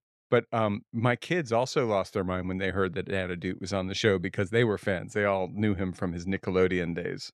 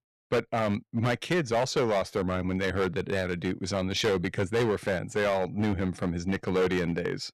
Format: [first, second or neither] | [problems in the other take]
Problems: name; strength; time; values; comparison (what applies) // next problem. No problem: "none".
first | distortion; heavy; 10% of the sound clipped